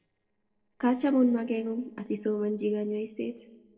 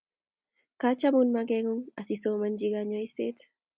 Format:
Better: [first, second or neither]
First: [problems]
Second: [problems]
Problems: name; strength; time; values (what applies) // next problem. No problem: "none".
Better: second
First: noise reduction (neural separator model SepFormer DNS4)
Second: none